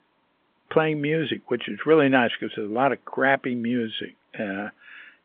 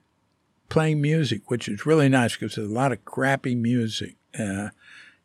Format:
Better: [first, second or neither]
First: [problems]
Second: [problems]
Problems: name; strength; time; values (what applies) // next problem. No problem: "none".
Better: second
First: phone-call audio; nothing above 3.5 kHz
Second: none